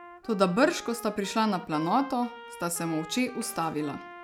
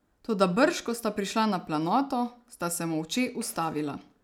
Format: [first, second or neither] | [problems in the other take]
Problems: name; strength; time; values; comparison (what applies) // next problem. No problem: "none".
second | background sound (Trumpet); 15 dB below the speech